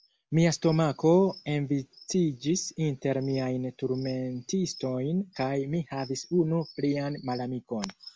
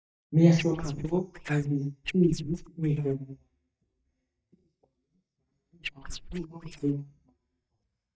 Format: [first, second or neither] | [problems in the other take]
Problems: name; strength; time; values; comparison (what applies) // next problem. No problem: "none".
first | noise reduction (neural mask model DeepFilterNet 3)